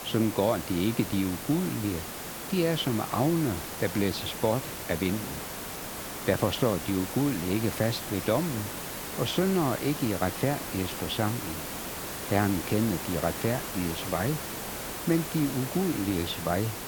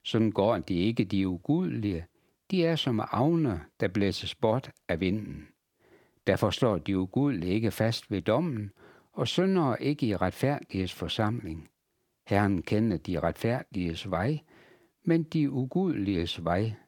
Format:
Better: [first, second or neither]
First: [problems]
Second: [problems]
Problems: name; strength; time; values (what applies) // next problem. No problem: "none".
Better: second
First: hiss; loud; throughout; 6 dB below the speech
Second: none